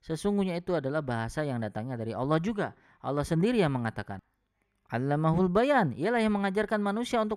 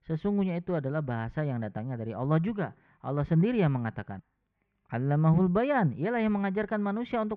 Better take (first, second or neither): first